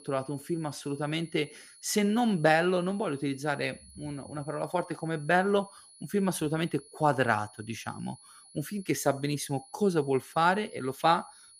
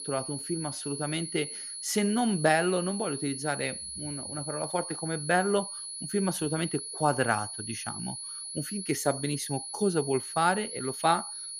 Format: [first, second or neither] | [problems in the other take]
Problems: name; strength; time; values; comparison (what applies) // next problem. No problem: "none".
first | high-pitched whine; loud; throughout; 10.5 kHz, 6 dB below the speech; faint in the first